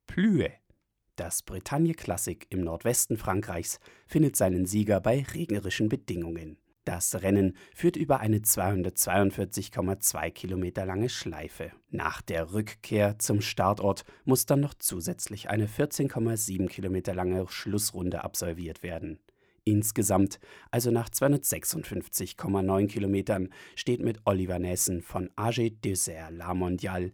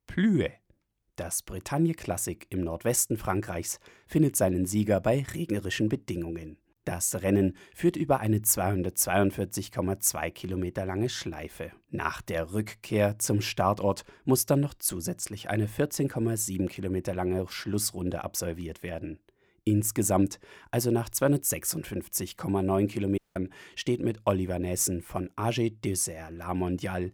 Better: first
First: none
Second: audio cutting out; at 23 s

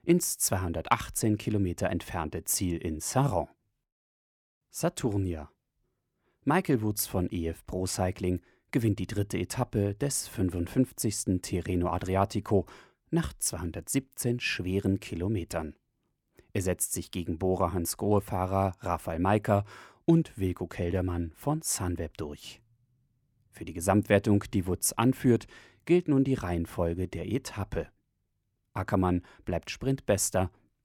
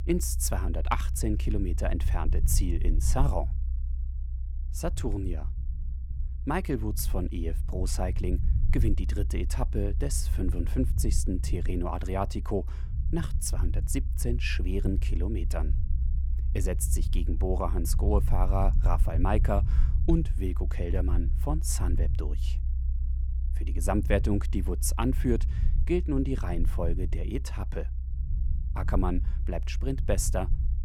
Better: first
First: none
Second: low rumble; noticeable; throughout; 15 dB below the speech

